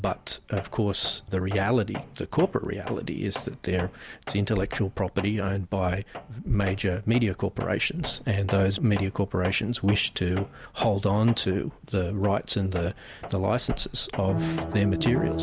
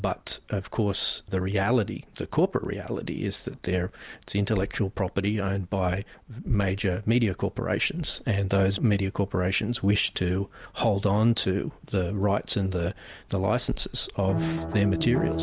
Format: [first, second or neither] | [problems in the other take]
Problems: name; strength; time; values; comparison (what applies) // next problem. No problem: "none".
second | background sound (Tools); 16 dB below the speech